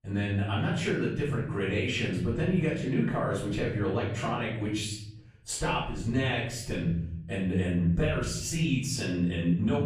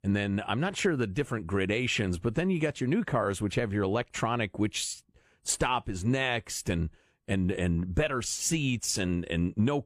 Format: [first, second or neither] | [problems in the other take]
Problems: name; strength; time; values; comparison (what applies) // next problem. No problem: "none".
second | off-mic speech; far // room echo; noticeable; dies away in 1.1 s